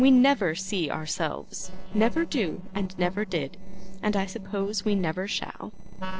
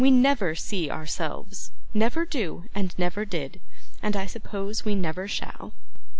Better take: second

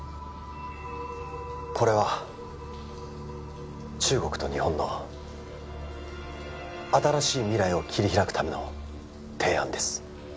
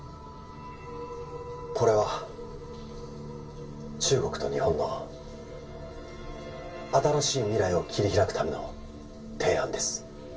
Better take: first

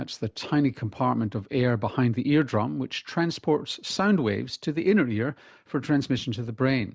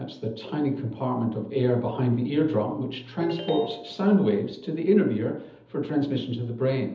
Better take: first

